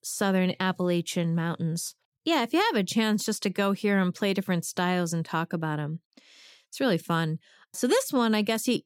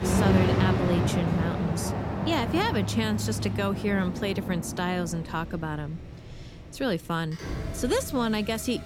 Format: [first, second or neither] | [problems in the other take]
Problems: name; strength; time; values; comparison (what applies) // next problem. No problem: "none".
first | traffic noise; loud; throughout; 1 dB below the speech